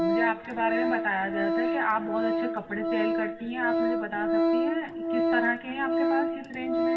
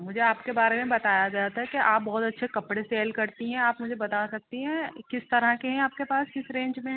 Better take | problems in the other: second | background sound (Organ); 4 dB above the speech // room echo; dies away in 2.2 s

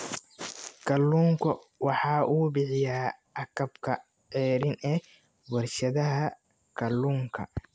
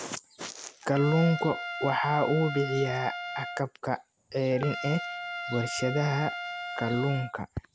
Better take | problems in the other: first | background sound (Trumpet); 8 dB below the speech

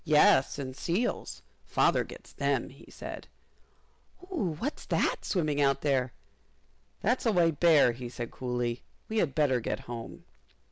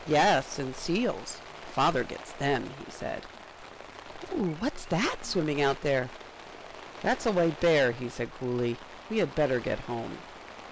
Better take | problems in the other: first | background sound (Rain); 15 dB below the speech

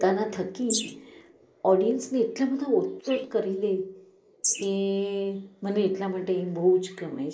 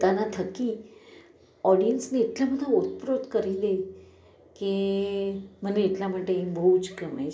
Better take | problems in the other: second | noise reduction (neural mask model Resemble Enhance denoiser)

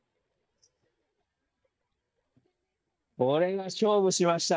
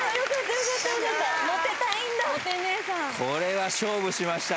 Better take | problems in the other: second | noise reduction (neural mask model DeepFilterNet 3)

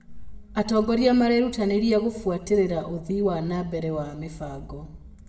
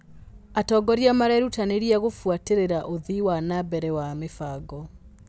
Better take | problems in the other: second | room echo; dies away in 0.6 s

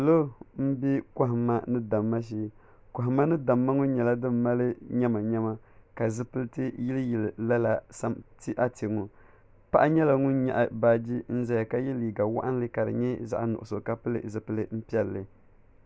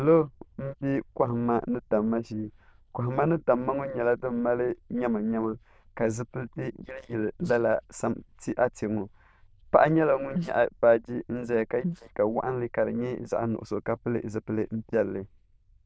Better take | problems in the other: first | noise reduction (neural diffusion model UNIVERSE++)

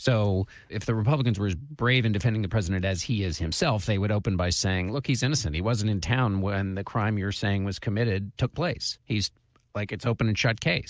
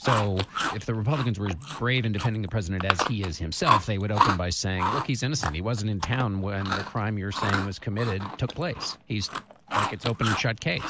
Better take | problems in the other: first | background sound (Chewing, mastication); 3 dB below the speech

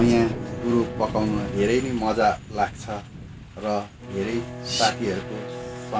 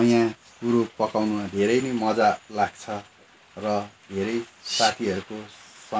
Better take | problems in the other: second | background sound (Bowed string instrument + Thunder); 8 dB below the speech

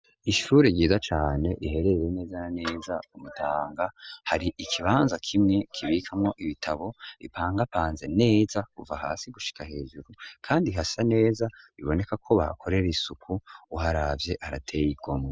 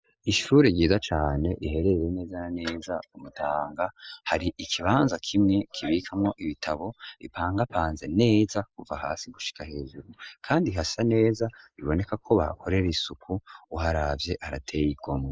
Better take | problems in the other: first | noise reduction (neural mask model Resemble Enhance denoiser)

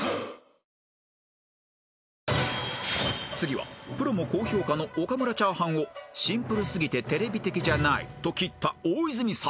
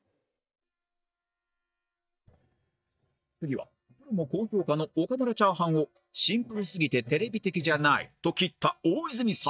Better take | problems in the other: first | noise reduction (neural mask model DeepFilterNet 3)

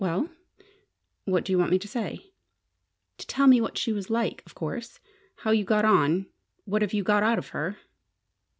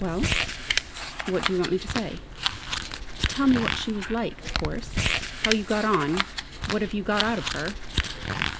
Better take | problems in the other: first | background sound (Crumpling, crinkling); 1 dB below the speech

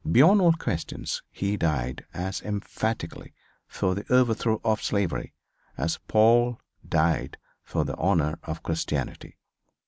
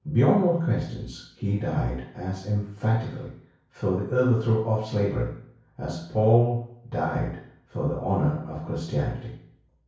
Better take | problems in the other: first | room echo; dies away in 0.6 s

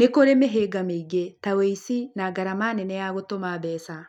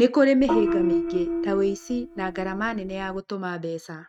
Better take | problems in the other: first | noise reduction (neural mask model RNNoise)

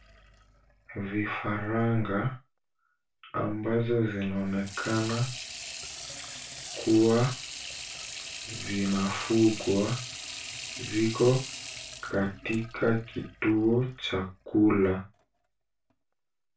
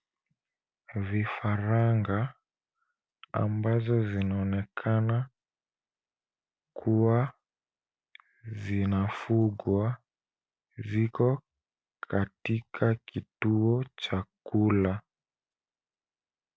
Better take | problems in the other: second | background sound (Sink (filling or washing) / Water tap, faucet); 13 dB below the speech // room echo; dies away in 0.2 s

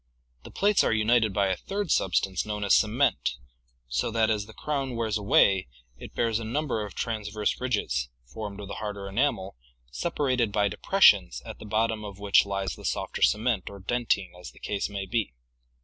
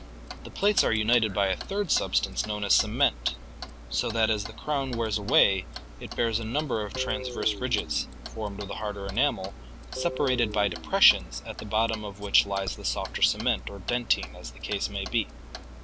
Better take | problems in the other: first | background sound (Guitar + Clock); 11 dB below the speech

